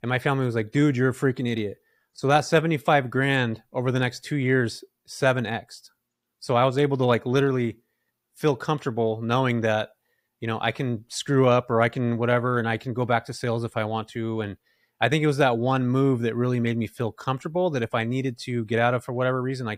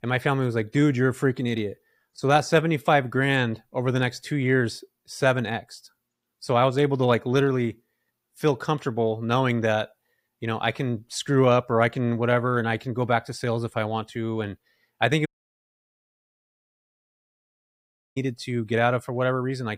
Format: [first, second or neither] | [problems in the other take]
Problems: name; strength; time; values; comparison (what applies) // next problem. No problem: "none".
first | audio cutting out; at 15 s for 3 s